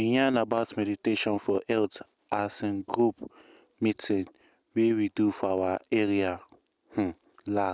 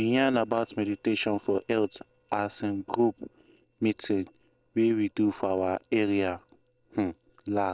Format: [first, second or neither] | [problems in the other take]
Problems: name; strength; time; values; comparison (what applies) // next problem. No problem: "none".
first | noise reduction (neural separator model SepFormer DNS4)